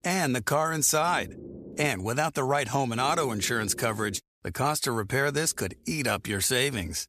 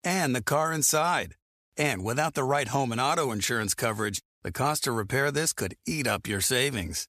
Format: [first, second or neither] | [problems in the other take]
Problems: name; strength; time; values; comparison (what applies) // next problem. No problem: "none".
second | low rumble; faint; until 2 s, from 3 to 4 s and from 5.5 s on; 20 dB below the speech